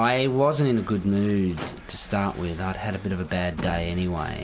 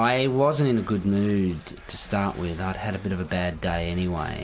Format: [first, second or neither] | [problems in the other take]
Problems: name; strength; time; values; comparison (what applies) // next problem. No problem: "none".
second | background sound (Motor vehicle (road)); 18 dB below the speech